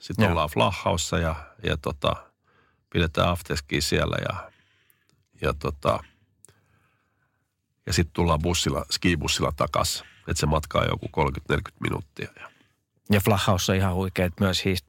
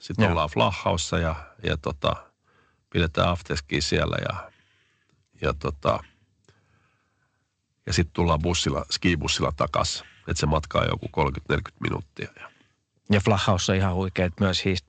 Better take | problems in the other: first | garbled, watery; slightly; nothing above 7.5 kHz

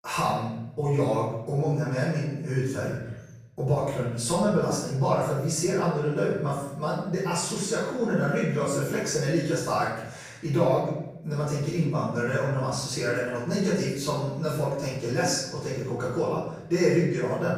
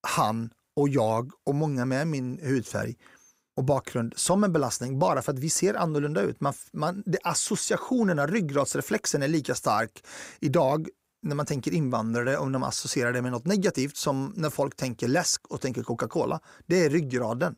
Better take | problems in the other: second | room echo; noticeable; dies away in 0.9 s // off-mic speech; far

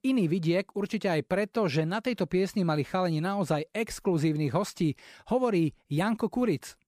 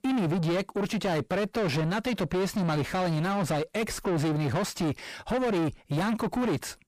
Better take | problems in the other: first | distortion; heavy; 7 dB below the speech

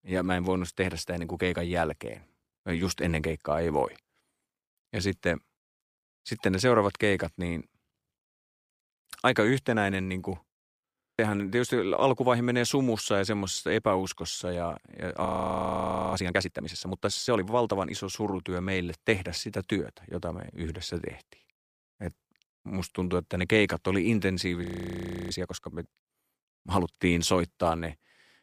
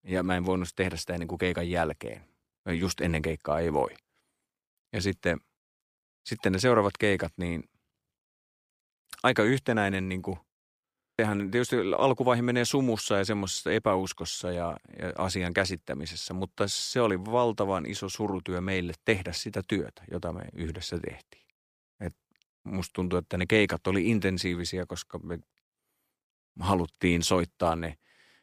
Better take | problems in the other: second | audio freezing; at 15 s for 1 s and at 25 s for 0.5 s

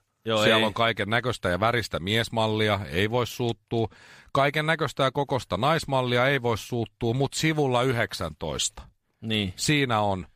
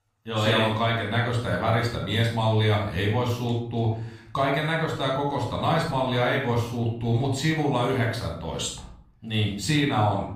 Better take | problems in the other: first | off-mic speech; far // room echo; noticeable; dies away in 0.6 s

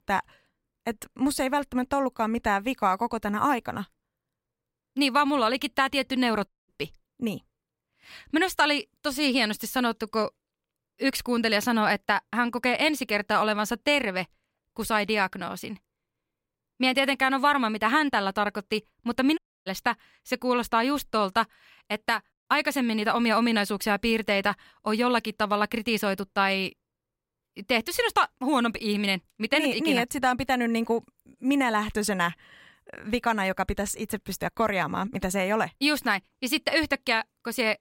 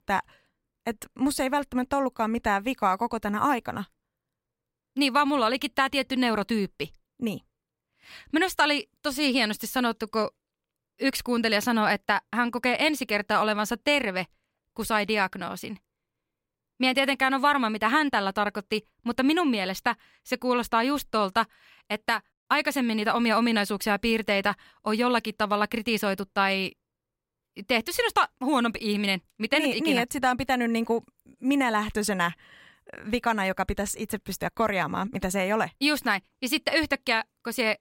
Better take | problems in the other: second | audio cutting out; at 6.5 s and at 19 s

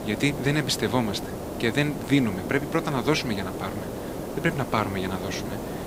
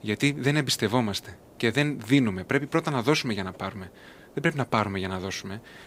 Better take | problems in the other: second | hiss; loud; throughout; 7 dB below the speech; faint in the second

